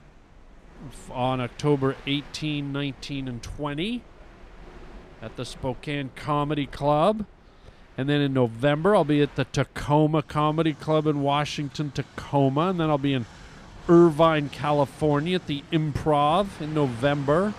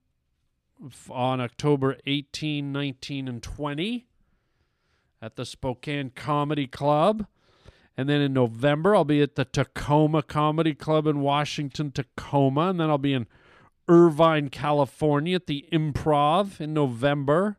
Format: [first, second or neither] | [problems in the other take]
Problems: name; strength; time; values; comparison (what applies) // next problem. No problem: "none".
second | train or aircraft noise; faint; throughout; 25 dB below the speech